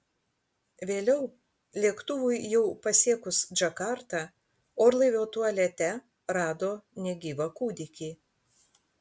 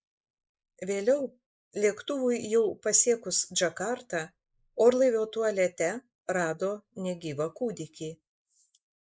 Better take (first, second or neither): first